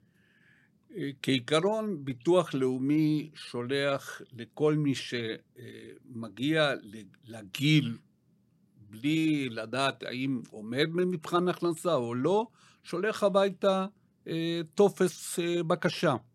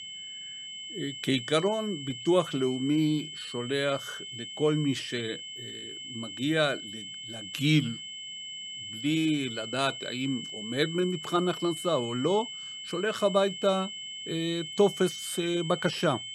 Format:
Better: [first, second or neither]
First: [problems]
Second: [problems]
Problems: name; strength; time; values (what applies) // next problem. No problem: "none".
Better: first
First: none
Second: high-pitched whine; loud; throughout; 3 kHz, 9 dB below the speech